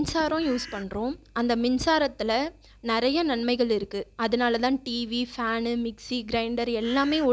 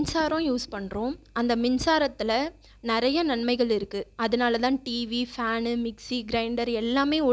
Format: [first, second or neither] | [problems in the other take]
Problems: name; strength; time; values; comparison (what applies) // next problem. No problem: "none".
second | background sound (Bird); 17 dB below the speech